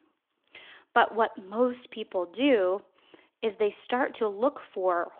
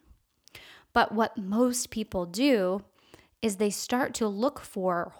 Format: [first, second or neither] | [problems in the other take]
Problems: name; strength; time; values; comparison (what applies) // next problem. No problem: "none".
second | phone-call audio